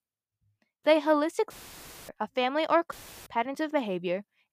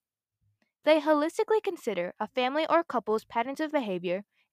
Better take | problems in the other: second | audio cutting out; filled with static; at 1.5 s for 0.5 s and at 3 s

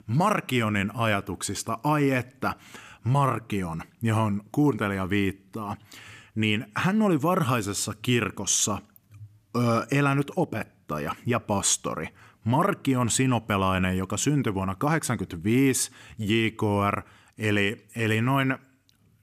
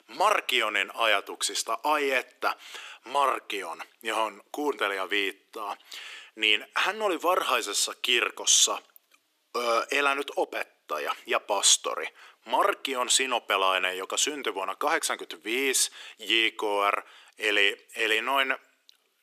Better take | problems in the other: first | thin; very; fading below 400 Hz

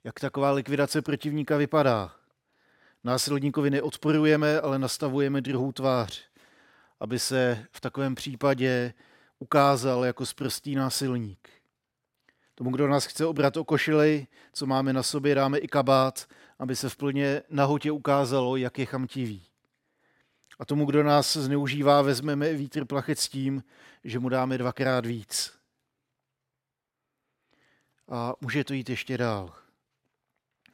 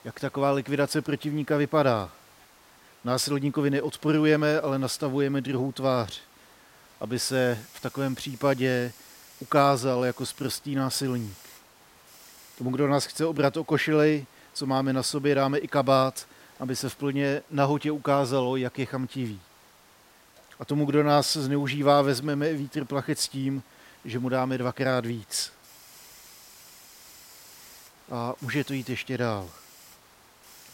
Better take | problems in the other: first | hiss; faint; throughout; 25 dB below the speech

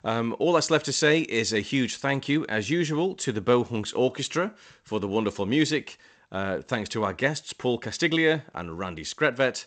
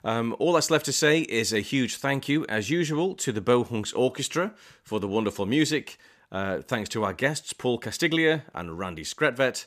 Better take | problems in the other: second | garbled, watery; slightly; nothing above 8 kHz

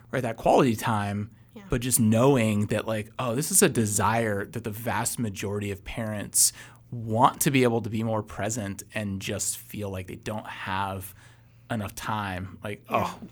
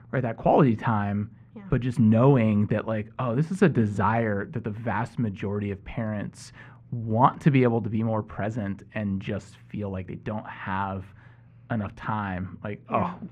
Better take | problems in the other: first | muffled; very; fading above 1.5 kHz

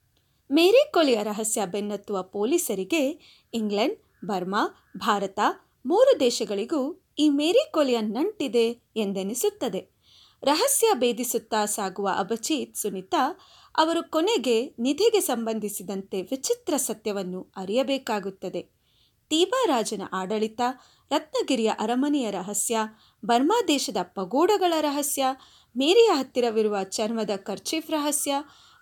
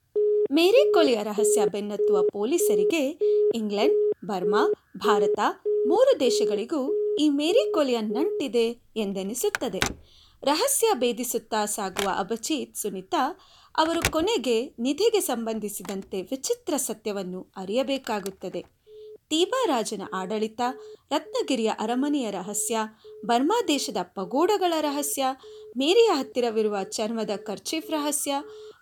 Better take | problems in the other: first | alarms or sirens; loud; throughout; 1 dB below the speech

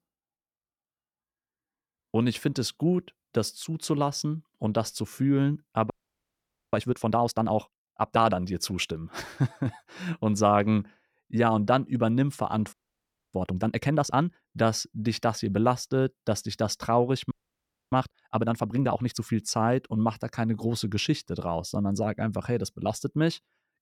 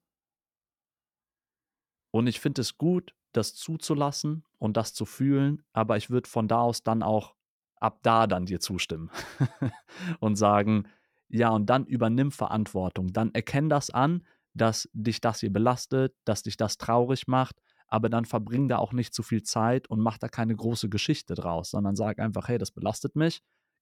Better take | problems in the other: second | audio freezing; at 6 s for 1 s, at 13 s for 0.5 s and at 17 s for 0.5 s

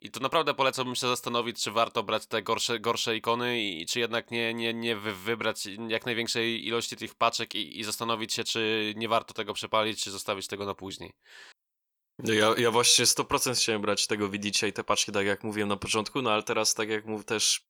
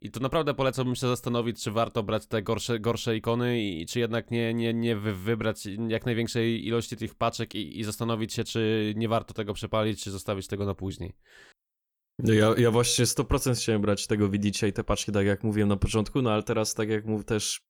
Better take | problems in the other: second | thin; somewhat; fading below 1 kHz

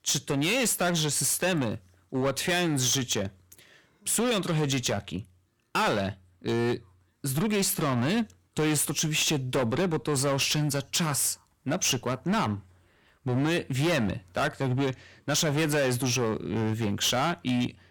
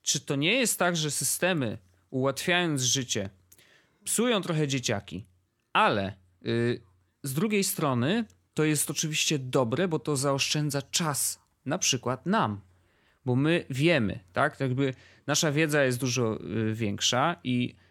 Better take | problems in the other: second | distortion; heavy; 15% of the sound clipped

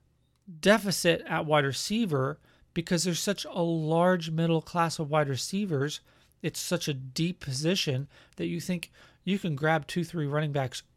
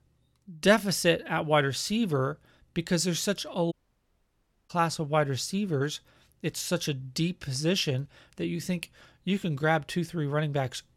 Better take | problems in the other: first | audio cutting out; at 3.5 s for 1 s

